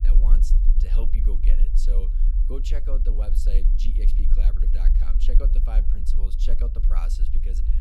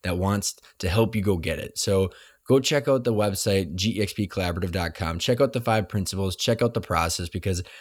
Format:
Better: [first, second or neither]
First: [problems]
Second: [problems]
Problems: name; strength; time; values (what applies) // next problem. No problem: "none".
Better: second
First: low rumble; loud; throughout; 5 dB below the speech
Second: none